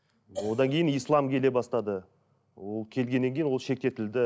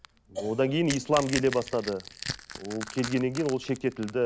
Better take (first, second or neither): first